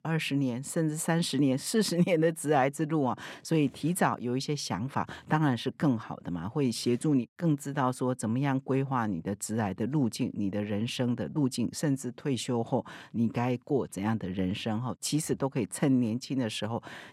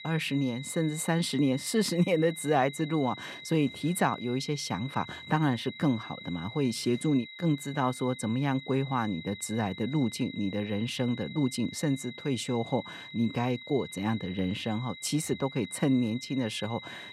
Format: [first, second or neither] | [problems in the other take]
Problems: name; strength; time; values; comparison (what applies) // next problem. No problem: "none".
first | high-pitched whine; noticeable; throughout; 2 kHz, 15 dB below the speech